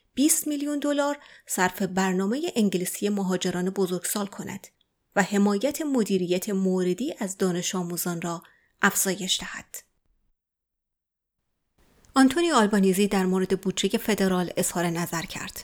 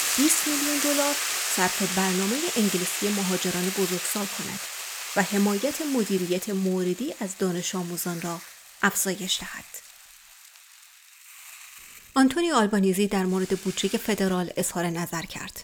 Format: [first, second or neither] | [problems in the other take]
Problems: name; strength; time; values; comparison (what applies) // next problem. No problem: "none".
first | hiss; loud; throughout; 2 dB below the speech